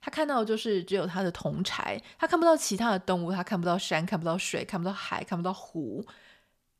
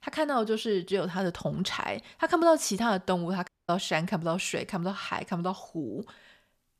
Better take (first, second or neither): first